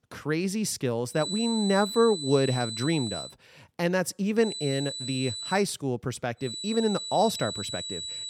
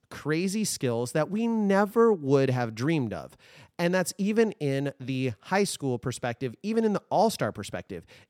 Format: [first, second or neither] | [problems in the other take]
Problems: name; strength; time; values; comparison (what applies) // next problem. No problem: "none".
second | high-pitched whine; loud; from 1 to 3.5 s, from 4.5 to 5.5 s and from 6.5 s on; 4 kHz, 6 dB below the speech